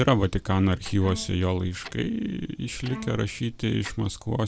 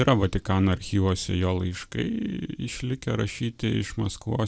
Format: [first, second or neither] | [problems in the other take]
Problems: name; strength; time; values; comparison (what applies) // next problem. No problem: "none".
second | background sound (Clock + Bowed string instrument); 16 dB below the speech